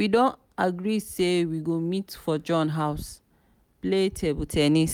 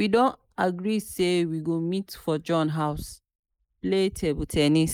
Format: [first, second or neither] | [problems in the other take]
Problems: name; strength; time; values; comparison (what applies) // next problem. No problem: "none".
first | noise reduction (neural mask model Resemble Enhance denoiser)